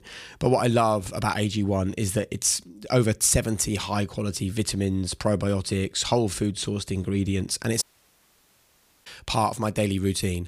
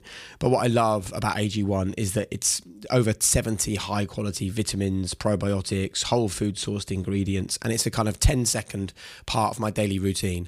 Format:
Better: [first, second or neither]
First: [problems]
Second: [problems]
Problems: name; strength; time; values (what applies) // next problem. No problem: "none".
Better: second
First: audio cutting out; at 8 s for 1 s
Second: none